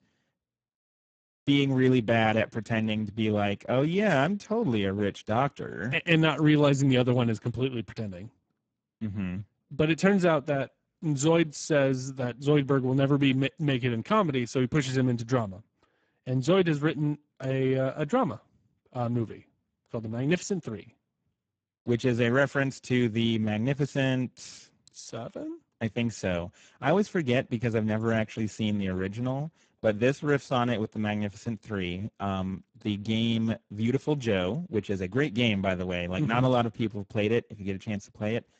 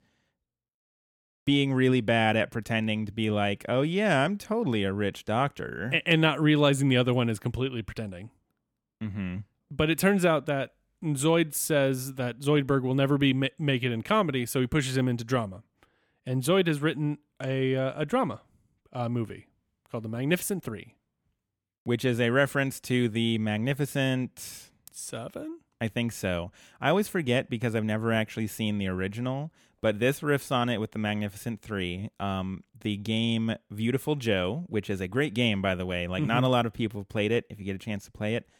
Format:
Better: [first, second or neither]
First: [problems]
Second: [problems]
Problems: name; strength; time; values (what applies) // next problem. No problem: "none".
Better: second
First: garbled, watery; badly; nothing above 7.5 kHz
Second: none